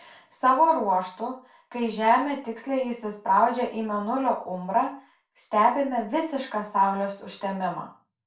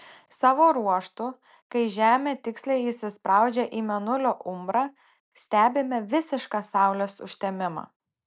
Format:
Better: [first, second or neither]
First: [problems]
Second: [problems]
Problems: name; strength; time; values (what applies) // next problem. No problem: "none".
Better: second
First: room echo; dies away in 0.3 s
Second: none